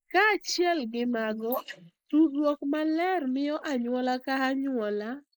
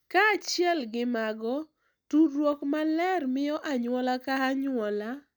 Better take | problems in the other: second | noise reduction (neural mask model Resemble Enhance denoiser)

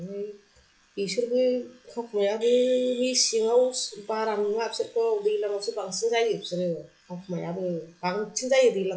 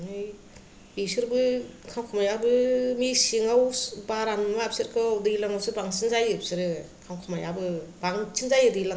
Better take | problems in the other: second | noise reduction (classical method log-MMSE)

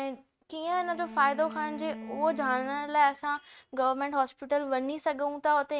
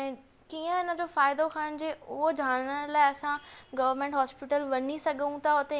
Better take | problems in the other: second | noise reduction (neural mask model RNNoise)

